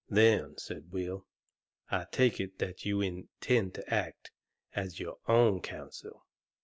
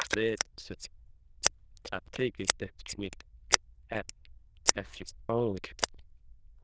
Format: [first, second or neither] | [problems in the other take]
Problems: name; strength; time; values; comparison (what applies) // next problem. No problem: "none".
first | noise reduction (neural diffusion model UNIVERSE++)